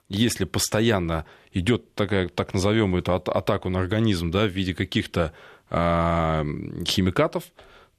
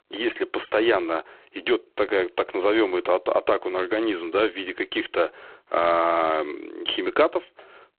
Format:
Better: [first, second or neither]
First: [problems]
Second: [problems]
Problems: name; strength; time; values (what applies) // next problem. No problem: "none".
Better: first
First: none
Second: phone-call audio; poor line